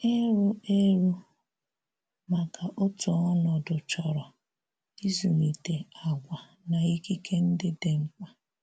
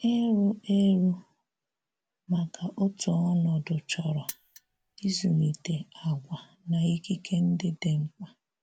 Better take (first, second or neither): first